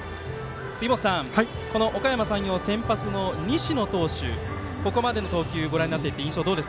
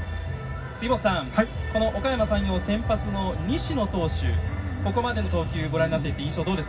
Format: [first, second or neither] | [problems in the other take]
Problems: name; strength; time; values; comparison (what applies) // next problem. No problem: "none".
first | room echo; dies away in 0.4 s